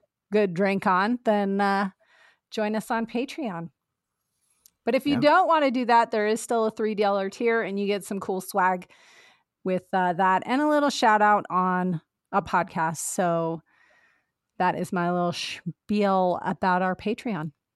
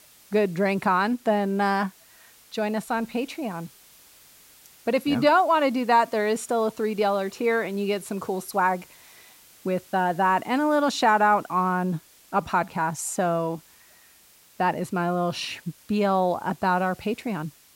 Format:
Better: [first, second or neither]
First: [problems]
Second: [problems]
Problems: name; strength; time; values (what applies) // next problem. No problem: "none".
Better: first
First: none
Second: hiss; faint; throughout; 25 dB below the speech